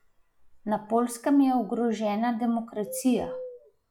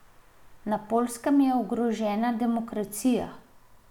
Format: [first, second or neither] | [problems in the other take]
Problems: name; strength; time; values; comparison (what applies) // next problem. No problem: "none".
second | noise reduction (classical method log-MMSE)